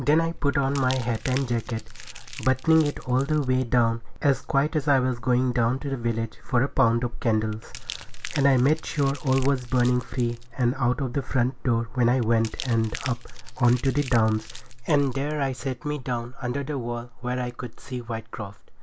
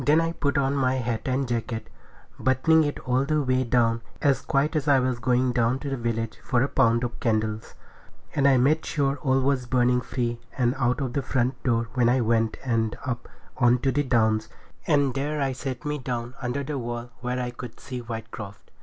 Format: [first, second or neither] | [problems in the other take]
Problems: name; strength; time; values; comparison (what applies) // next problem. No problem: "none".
second | background sound (Crumpling, crinkling); 18 dB below the speech